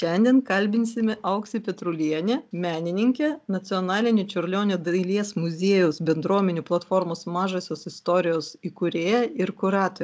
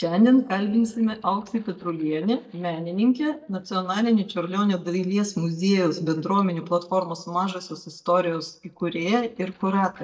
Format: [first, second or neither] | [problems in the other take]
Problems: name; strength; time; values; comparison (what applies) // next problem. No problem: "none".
first | noise reduction (neural mask model DeepFilterNet 3)